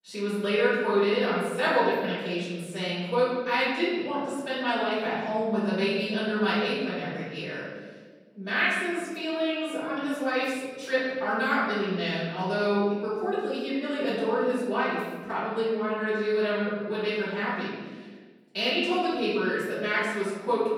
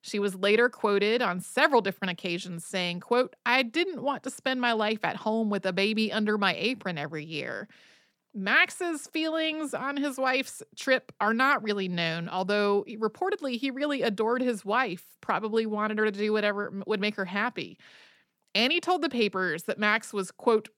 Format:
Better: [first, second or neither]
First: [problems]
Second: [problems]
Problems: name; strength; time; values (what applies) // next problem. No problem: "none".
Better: second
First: room echo; strong; dies away in 1.4 s // off-mic speech; far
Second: none